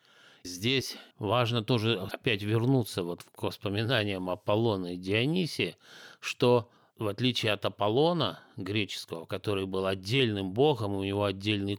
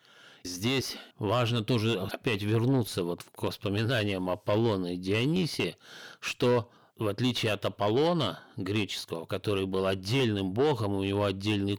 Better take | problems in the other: first | distortion; slight; 10 dB below the speech

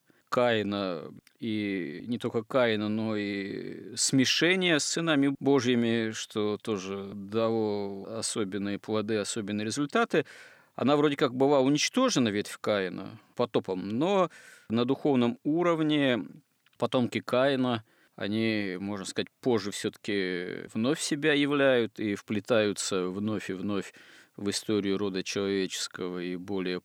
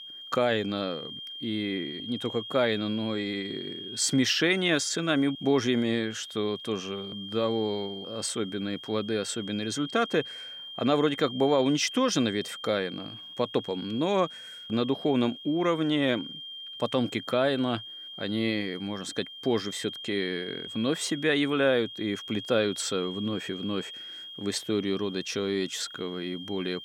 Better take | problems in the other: first | high-pitched whine; noticeable; throughout; 3 kHz, 10 dB below the speech

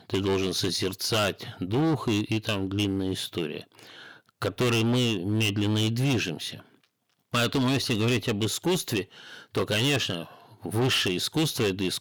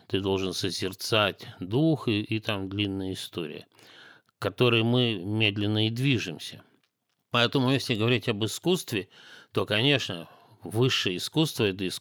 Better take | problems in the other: second | distortion; heavy; 12% of the sound clipped

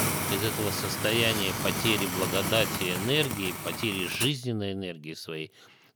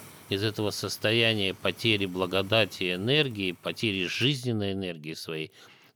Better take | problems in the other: second | hiss; loud; until 4 s; 2 dB below the speech; faint in the second

